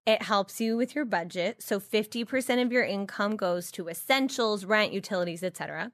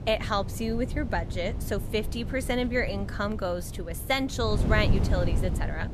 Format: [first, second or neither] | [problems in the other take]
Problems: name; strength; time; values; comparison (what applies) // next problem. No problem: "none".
first | wind noise on the microphone; occasional gusts; 10 dB below the speech